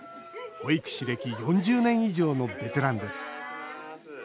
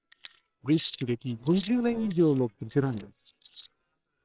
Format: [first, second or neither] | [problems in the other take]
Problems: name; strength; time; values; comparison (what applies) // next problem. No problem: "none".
first | noise reduction (neural separator model SepFormer WHAMR!)